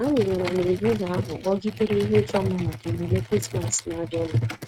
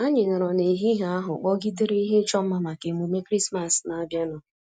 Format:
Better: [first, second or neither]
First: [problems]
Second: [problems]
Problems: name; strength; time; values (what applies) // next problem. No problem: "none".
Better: second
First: noise reduction (neural mask model RNNoise)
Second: none